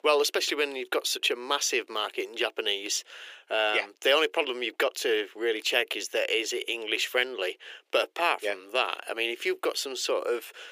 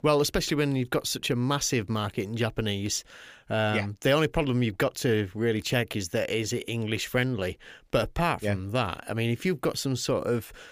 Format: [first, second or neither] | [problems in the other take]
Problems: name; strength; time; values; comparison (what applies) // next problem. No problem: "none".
second | thin; very; fading below 350 Hz